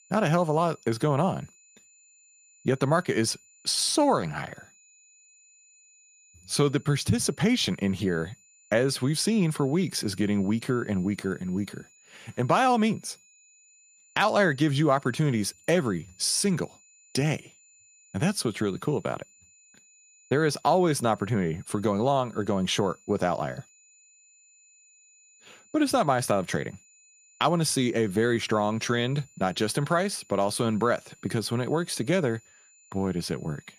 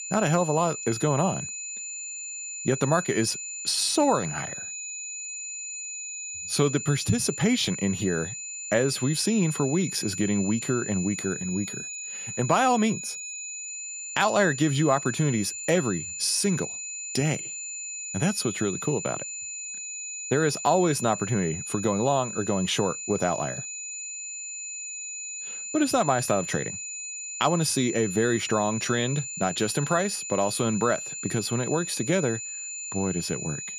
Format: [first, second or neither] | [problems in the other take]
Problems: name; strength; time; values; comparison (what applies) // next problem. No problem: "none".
first | high-pitched whine; loud; throughout; 7 kHz, 7 dB below the speech; faint in the first